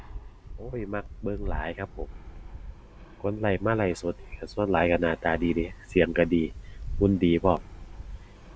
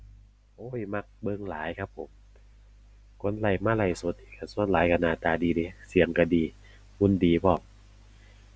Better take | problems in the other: second | background sound (Fixed-wing aircraft, airplane); 11 dB below the speech

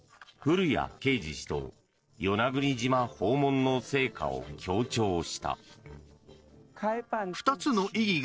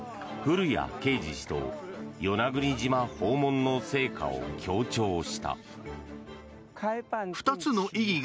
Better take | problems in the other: second | noise reduction (neural separator model SepFormer DNS4)

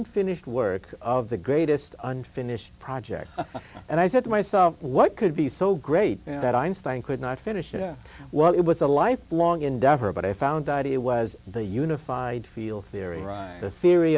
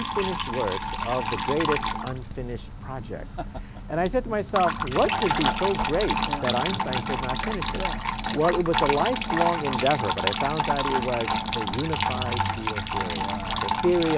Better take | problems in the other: first | background sound (Trickle, dribble / Water tap, faucet); as loud as the speech

